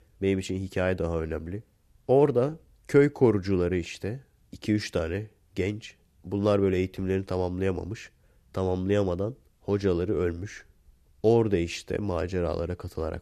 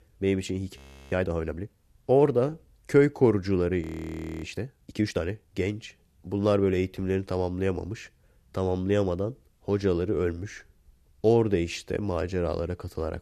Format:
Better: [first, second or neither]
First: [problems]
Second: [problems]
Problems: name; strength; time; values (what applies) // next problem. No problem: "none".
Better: first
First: none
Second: audio freezing; at 1 s and at 4 s for 0.5 s